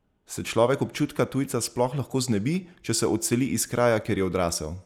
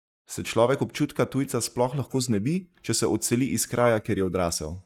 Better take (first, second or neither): first